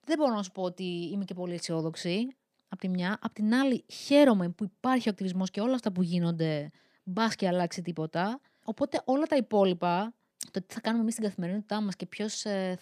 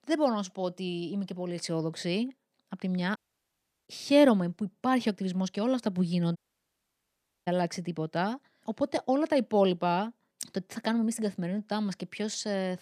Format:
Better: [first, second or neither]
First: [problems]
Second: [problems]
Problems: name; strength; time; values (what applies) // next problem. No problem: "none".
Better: first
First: none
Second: audio cutting out; at 3 s for 0.5 s and at 6.5 s for 1 s